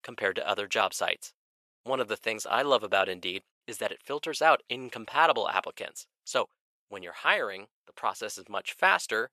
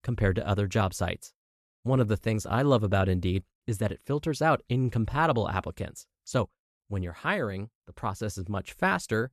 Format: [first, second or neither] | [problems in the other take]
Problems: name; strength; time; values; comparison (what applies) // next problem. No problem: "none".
second | thin; very; fading below 650 Hz